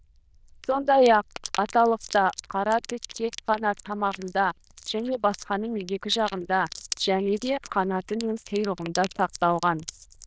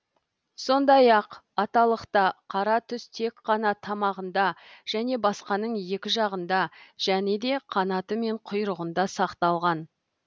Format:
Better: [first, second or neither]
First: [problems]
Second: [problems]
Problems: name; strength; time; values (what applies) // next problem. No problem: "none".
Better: second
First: noise reduction (neural diffusion model UNIVERSE++)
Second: none